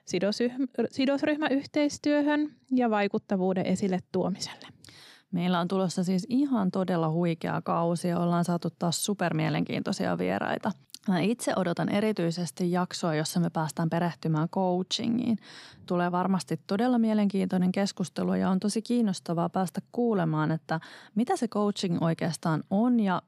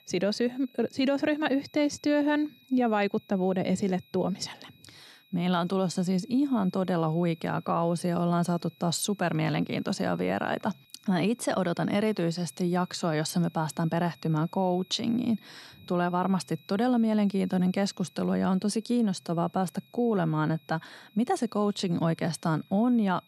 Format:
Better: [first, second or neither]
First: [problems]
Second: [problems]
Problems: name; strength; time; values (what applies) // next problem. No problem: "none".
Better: first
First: none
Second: high-pitched whine; faint; throughout; 4 kHz, 30 dB below the speech